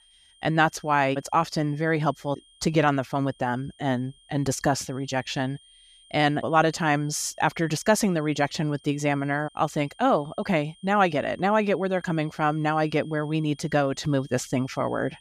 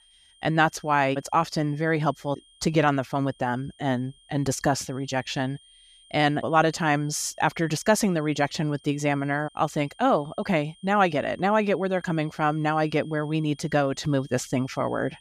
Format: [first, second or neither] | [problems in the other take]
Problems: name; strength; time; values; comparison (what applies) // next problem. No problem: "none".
neither | high-pitched whine; faint; throughout; 3 kHz, 30 dB below the speech; the same in both